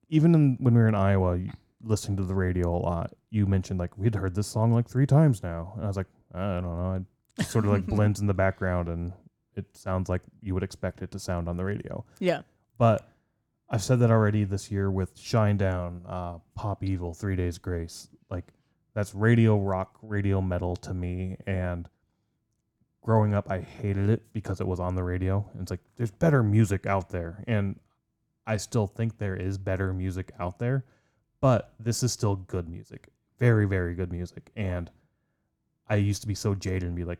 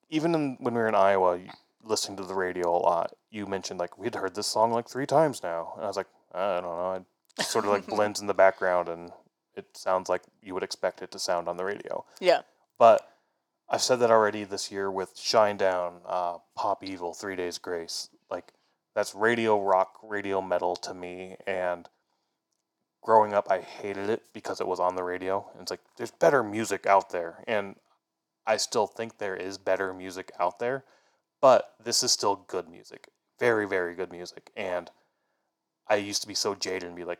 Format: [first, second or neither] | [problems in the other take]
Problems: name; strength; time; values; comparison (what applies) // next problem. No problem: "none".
first | thin; very; fading below 500 Hz